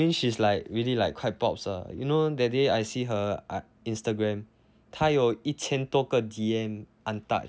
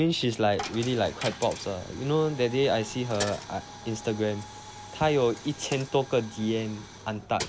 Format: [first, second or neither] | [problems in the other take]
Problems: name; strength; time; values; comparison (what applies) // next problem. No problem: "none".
first | background sound (Coin (dropping)); 13 dB below the speech